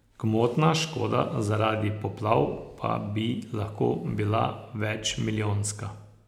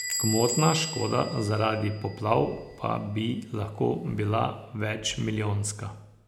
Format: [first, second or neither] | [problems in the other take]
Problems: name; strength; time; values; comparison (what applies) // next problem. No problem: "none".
first | background sound (Door / Bell); 11 dB below the speech